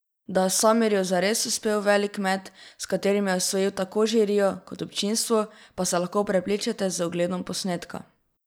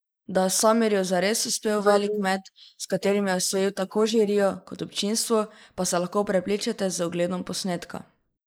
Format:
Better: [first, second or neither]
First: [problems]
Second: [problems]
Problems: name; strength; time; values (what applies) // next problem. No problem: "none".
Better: first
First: none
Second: noise reduction (neural mask model Resemble Enhance denoiser)